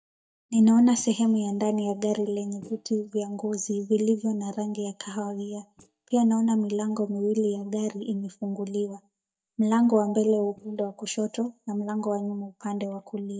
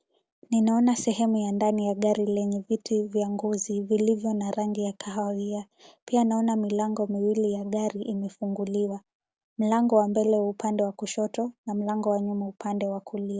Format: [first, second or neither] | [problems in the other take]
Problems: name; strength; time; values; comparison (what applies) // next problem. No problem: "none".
second | noise reduction (neural mask model DeepFilterNet 3)